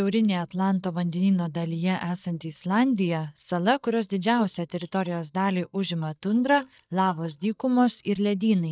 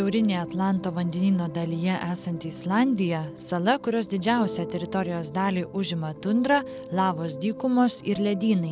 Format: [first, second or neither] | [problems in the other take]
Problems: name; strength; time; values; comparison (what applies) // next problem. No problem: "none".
second | noise reduction (neural mask model DeepFilterNet 3)